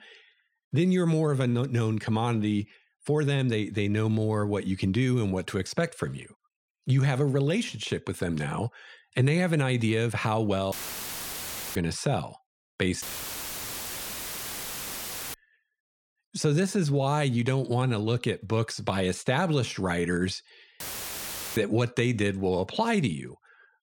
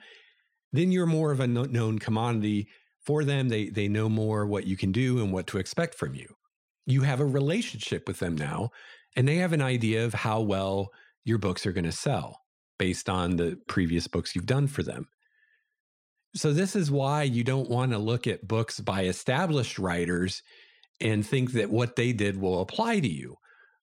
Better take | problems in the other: second | audio cutting out; filled with static; at 11 s for 1 s, at 13 s for 2.5 s and at 21 s for 1 s

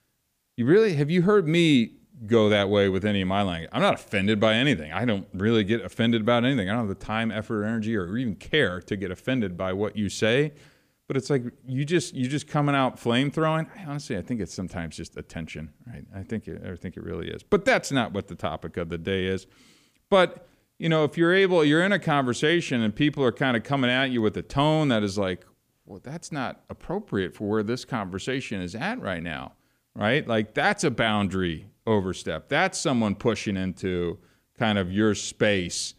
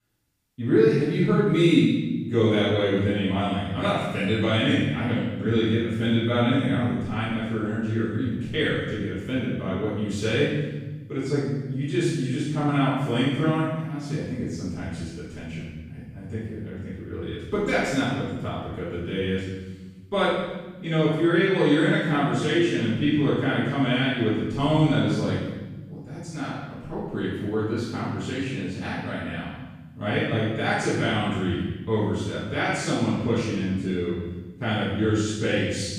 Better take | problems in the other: first | off-mic speech; far // room echo; strong; dies away in 1.4 s

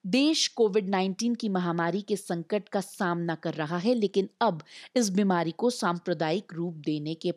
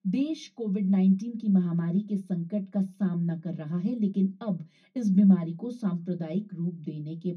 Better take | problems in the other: first | room echo; very slight; dies away in 0.3 s // off-mic speech; far

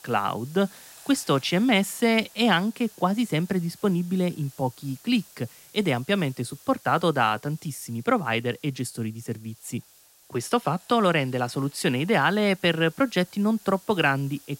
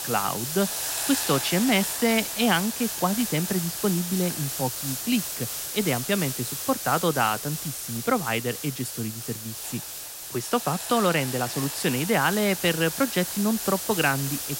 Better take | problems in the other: first | hiss; loud; throughout; 4 dB below the speech; faint in the first

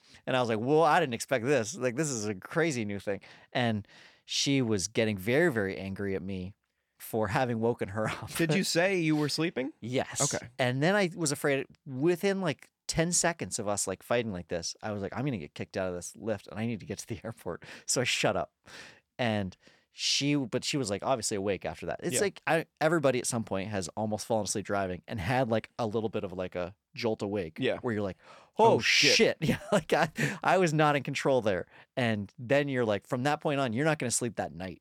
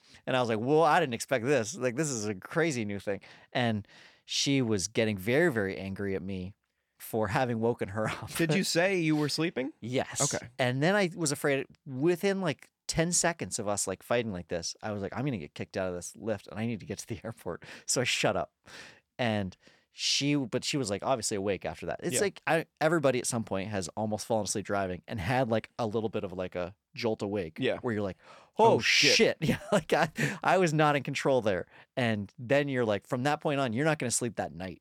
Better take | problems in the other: neither | none

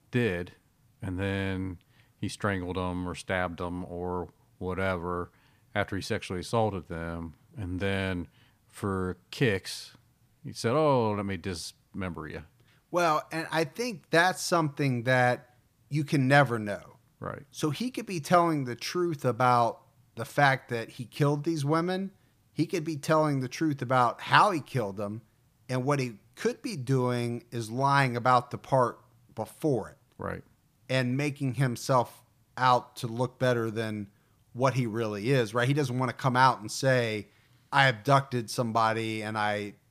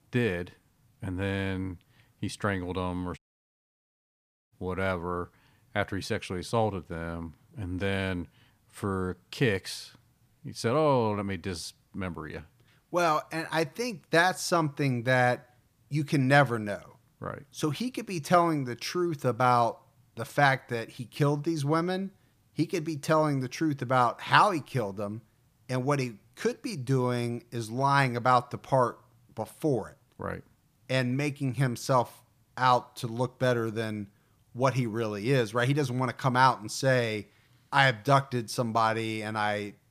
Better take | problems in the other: first | audio cutting out; at 3 s for 1.5 s

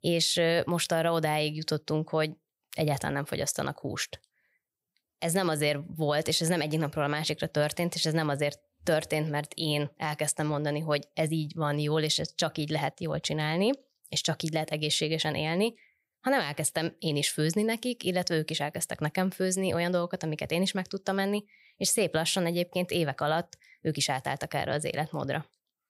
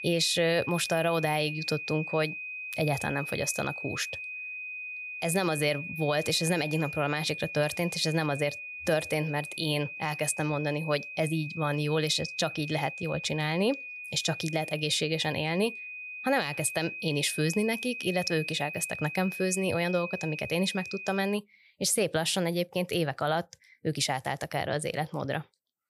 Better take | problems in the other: first | high-pitched whine; loud; until 21 s; 2.5 kHz, 8 dB below the speech

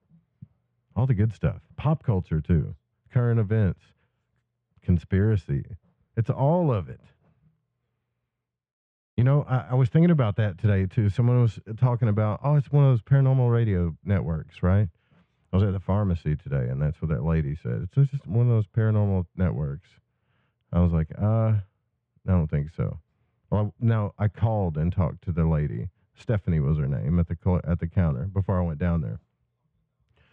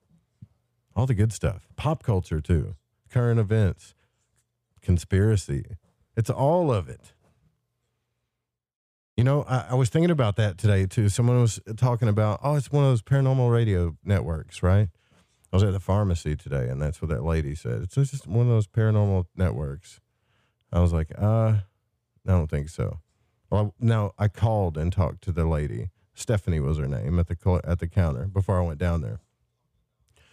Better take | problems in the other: second | muffled; very; fading above 2 kHz

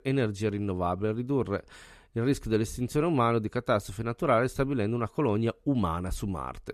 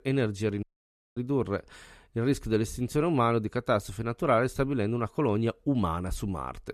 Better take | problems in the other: first | audio cutting out; at 0.5 s for 0.5 s

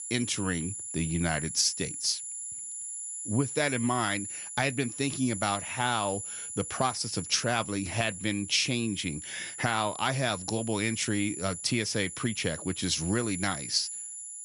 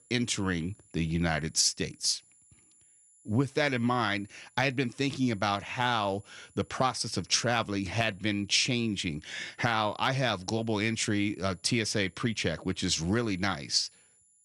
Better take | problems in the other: second | high-pitched whine; loud; throughout; 10 kHz, 7 dB below the speech; faint in the second

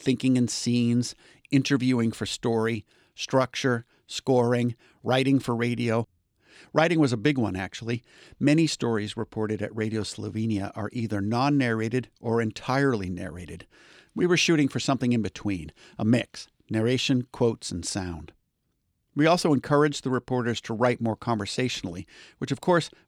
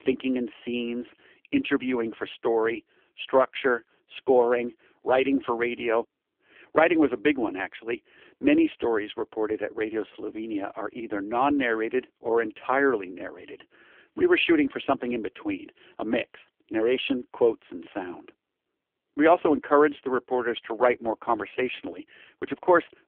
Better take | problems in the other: first | phone-call audio; poor line; nothing above 3.5 kHz

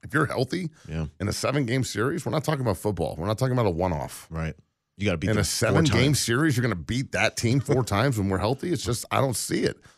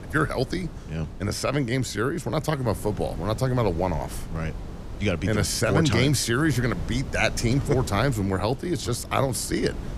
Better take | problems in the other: first | wind noise on the microphone; occasional gusts; 15 dB below the speech

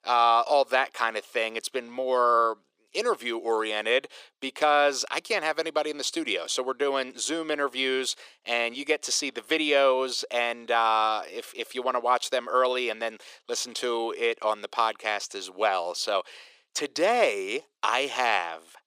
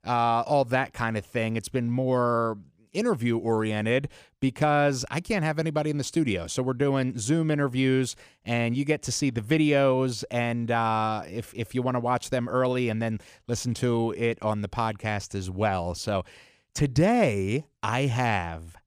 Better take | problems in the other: second | thin; very; fading below 400 Hz

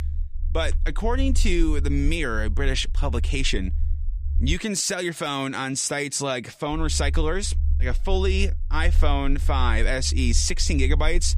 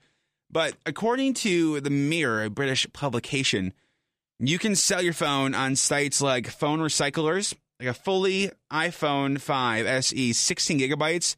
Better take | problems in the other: second | low rumble; noticeable; until 4.5 s and from 6.5 s on; 20 dB below the speech

